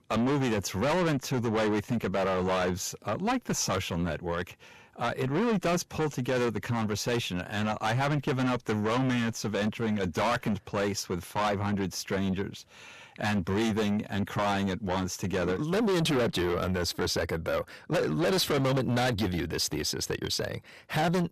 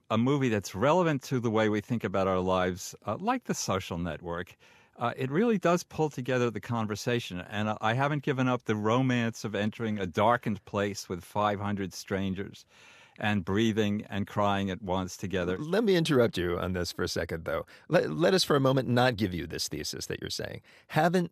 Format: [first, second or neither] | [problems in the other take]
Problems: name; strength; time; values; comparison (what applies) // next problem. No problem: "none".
second | distortion; heavy; 6 dB below the speech